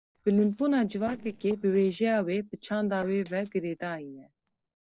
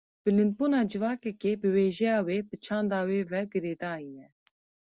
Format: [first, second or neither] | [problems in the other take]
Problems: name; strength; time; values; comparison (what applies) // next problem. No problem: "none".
second | noise reduction (neural separator model SepFormer DNS4)